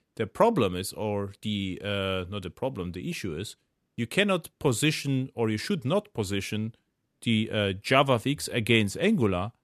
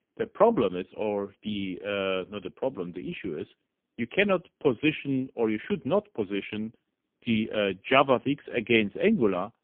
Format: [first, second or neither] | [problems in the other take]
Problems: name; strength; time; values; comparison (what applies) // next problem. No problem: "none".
first | phone-call audio; poor line; nothing above 3.5 kHz